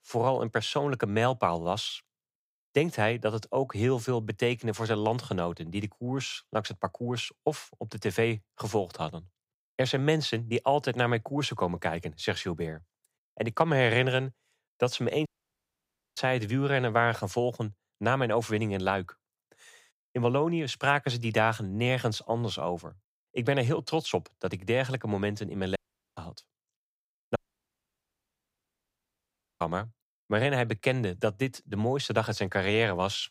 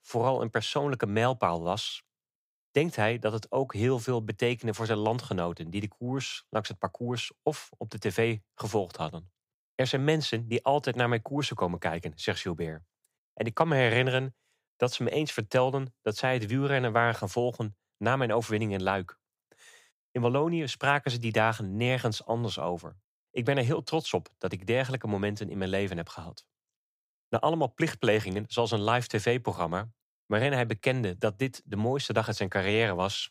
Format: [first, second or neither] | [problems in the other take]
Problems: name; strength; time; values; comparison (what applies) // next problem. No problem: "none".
second | audio cutting out; at 15 s for 1 s, at 26 s and at 27 s for 2 s